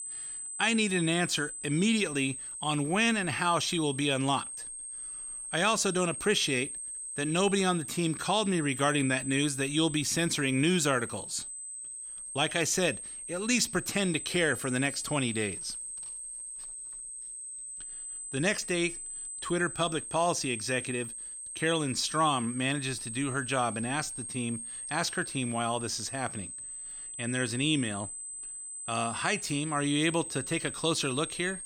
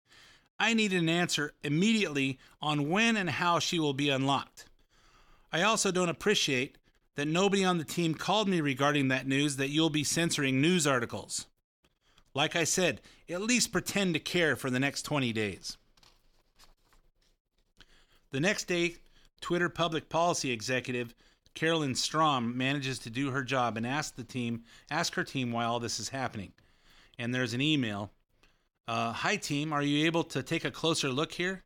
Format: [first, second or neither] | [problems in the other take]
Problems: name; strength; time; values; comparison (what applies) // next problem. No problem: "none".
second | high-pitched whine; loud; throughout; 8 kHz, 8 dB below the speech